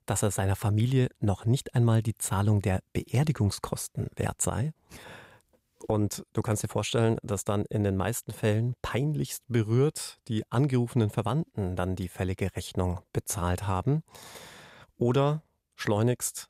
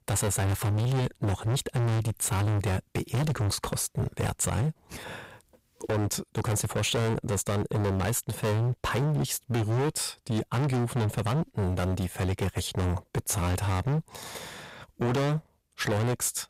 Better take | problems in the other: first | distortion; heavy; 27% of the sound clipped

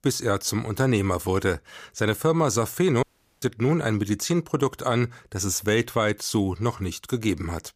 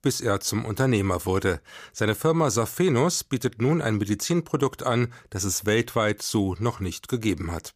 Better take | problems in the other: second | audio cutting out; at 3 s

